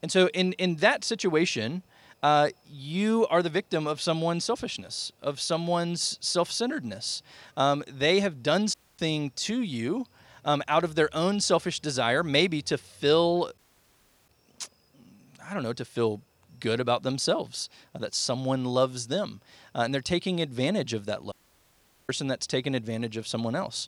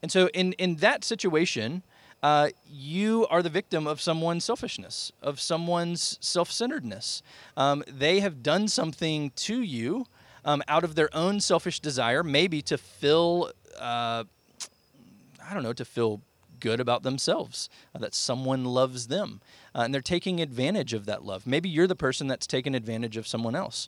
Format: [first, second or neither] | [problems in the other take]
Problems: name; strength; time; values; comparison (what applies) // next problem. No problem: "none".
second | audio cutting out; at 8.5 s, at 14 s for 0.5 s and at 21 s for 1 s